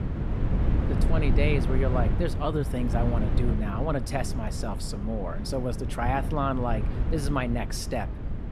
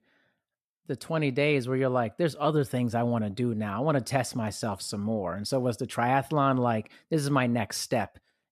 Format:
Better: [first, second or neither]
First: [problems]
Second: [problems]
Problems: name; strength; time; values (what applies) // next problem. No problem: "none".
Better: second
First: wind noise on the microphone; heavy; 8 dB below the speech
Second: none